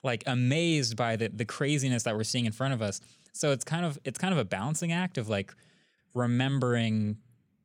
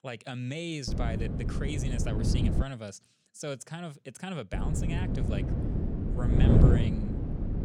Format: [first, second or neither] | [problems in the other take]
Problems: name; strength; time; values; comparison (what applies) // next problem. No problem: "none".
first | wind noise on the microphone; heavy; from 1 to 2.5 s and from 4.5 s on; 2 dB above the speech